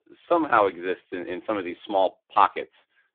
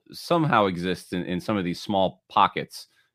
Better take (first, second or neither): second